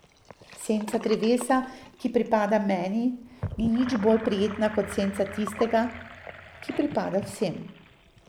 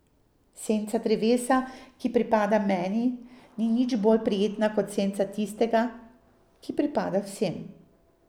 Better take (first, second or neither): second